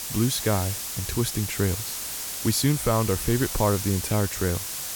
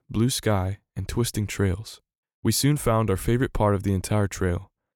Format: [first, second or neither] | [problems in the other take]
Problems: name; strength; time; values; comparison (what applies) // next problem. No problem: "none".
second | hiss; loud; throughout; 4 dB below the speech